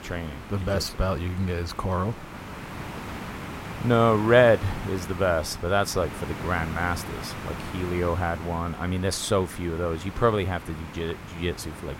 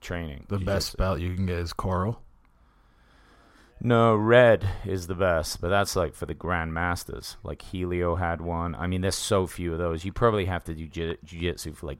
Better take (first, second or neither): second